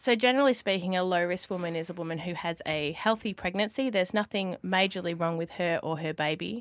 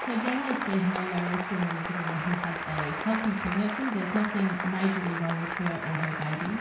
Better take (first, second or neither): first